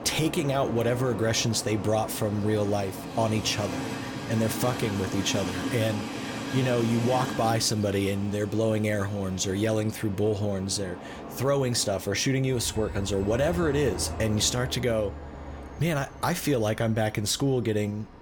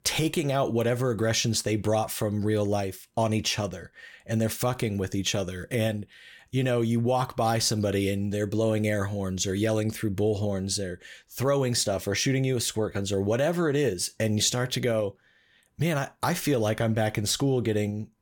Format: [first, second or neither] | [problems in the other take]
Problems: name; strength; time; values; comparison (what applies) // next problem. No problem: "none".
second | train or aircraft noise; loud; throughout; 9 dB below the speech